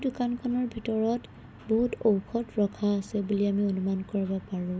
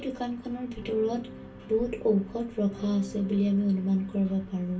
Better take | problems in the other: first | background sound (Electric guitar / Strum); 17 dB below the speech // room echo; dies away in 0.2 s

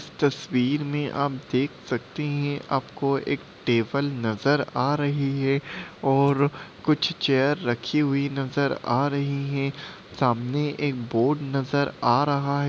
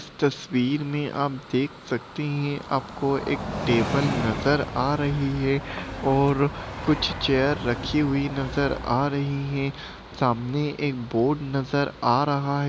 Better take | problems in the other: first | background sound (Train); 10 dB below the speech

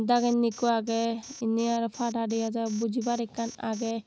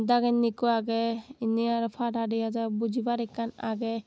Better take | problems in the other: second | background sound (Alarm); 19 dB below the speech

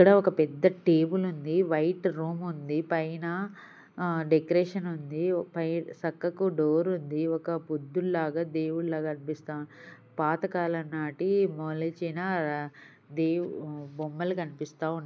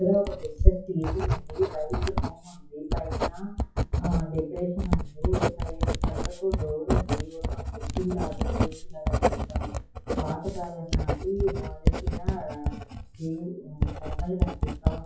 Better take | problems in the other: first | noise reduction (classical method WPE with log-MMSE)

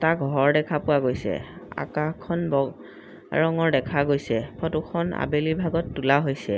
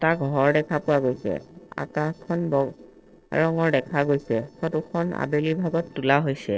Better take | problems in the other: first | noise reduction (neural separator model SepFormer DNS4)

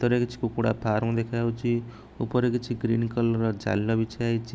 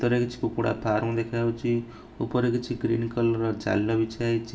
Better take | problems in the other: first | room echo; dies away in 0.5 s

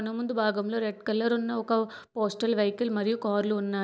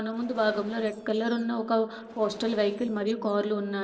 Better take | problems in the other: first | noise reduction (neural separator model SepFormer DNS4)

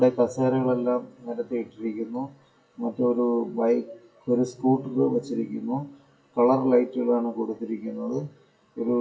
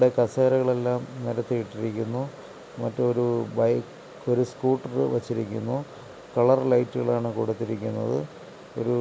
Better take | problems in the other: second | noise reduction (classical method WPE with log-MMSE)

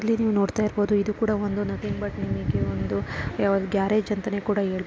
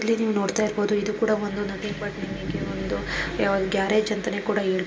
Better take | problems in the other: first | room echo; dies away in 0.2 s

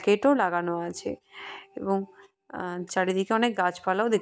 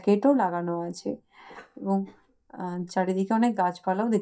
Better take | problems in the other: first | noise reduction (neural mask model DeepFilterNet 3)

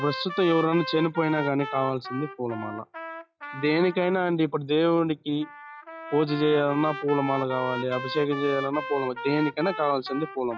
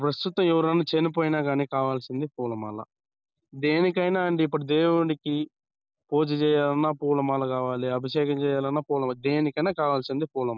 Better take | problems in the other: second | noise reduction (classical method log-MMSE)

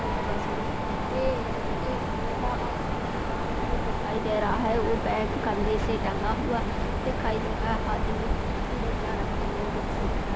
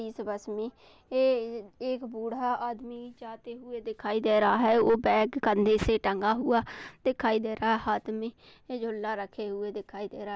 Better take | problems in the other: second | background sound (Mechanisms); 5 dB above the speech

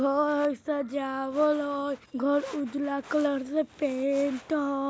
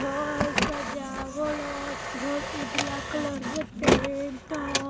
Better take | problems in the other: first | background sound (Printer); 3 dB above the speech

